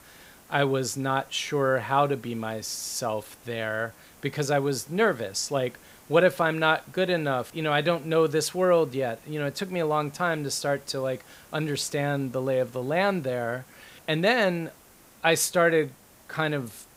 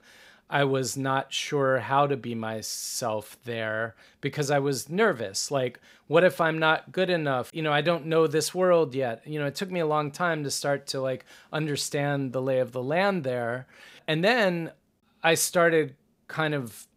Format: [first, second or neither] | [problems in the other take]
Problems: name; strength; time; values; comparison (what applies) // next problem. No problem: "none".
second | hiss; faint; throughout; 25 dB below the speech